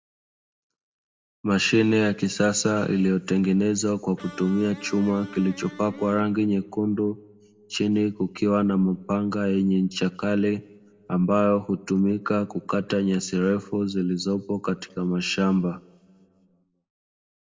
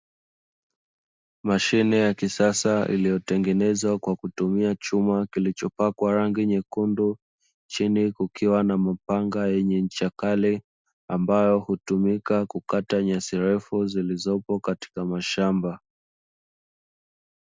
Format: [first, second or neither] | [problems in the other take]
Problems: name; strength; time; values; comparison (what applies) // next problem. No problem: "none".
second | background sound (Electric guitar); 19 dB below the speech // room echo; dies away in 0.6 s